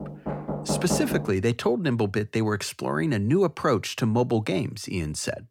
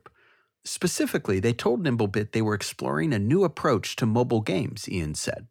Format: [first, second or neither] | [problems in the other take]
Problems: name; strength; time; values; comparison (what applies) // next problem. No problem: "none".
second | door banging; noticeable; until 1.5 s; peak 2 dB below the speech